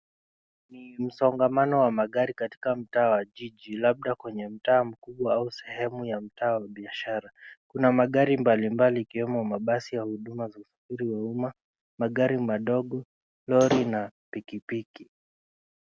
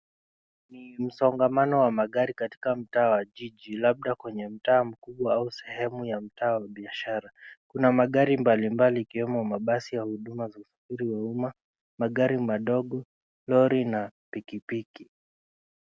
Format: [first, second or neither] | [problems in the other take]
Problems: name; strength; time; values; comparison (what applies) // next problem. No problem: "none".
second | background sound (Slam / Wood); 2 dB below the speech